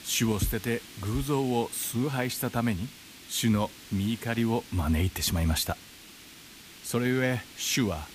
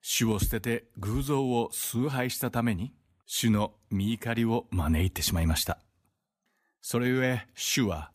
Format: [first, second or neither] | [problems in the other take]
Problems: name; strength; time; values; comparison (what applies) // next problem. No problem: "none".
second | hiss; noticeable; throughout; 15 dB below the speech